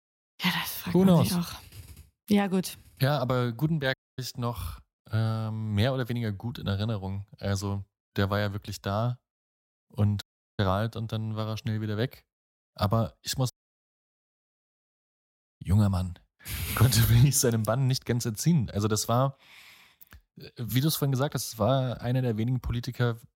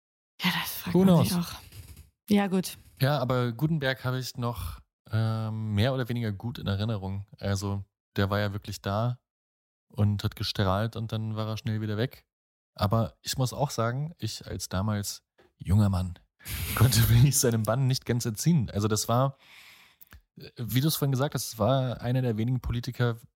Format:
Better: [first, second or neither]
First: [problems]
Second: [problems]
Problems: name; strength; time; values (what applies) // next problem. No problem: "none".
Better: second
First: audio cutting out; at 4 s, at 10 s and at 14 s for 2 s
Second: none